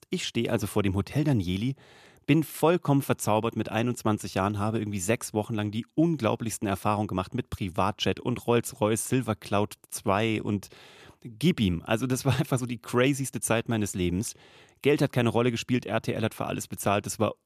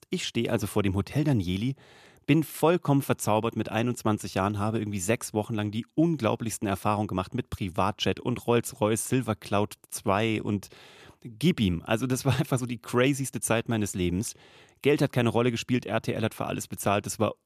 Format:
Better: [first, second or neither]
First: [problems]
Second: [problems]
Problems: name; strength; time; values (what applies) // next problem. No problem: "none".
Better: neither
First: none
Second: none